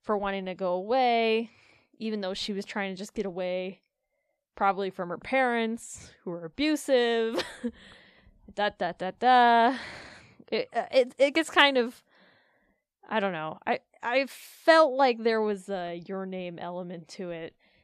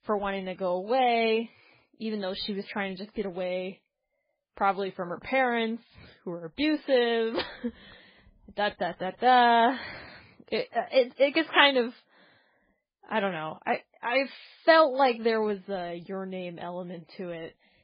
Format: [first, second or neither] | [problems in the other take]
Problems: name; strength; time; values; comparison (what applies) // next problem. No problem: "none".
first | garbled, watery; badly; nothing above 4.5 kHz